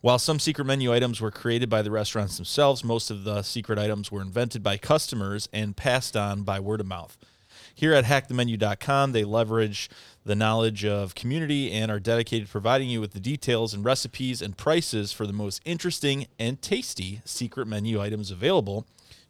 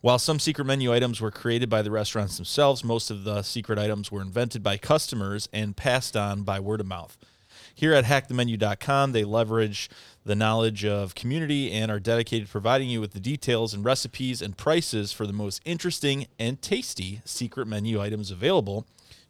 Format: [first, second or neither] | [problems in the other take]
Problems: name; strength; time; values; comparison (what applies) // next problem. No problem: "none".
neither | none